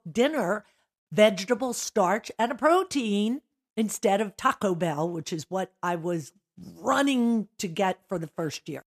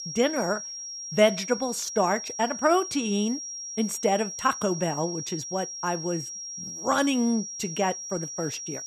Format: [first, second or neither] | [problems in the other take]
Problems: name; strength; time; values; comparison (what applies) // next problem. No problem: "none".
first | high-pitched whine; loud; throughout; 5.5 kHz, 7 dB below the speech